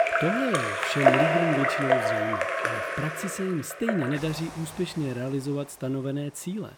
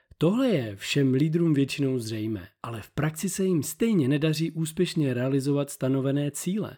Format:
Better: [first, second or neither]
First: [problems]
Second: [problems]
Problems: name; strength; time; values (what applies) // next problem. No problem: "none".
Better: second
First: rain or running water; very loud; throughout; 4 dB above the speech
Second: none